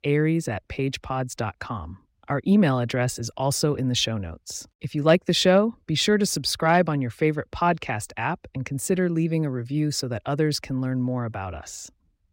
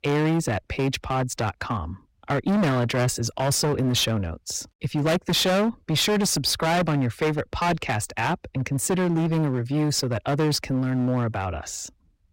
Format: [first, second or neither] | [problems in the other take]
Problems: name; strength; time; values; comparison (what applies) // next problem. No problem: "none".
first | distortion; heavy; 19% of the sound clipped